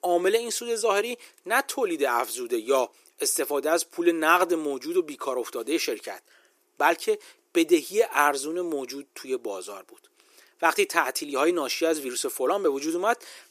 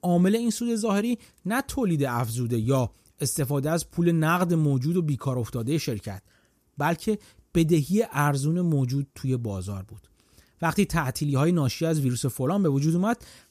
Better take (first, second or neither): second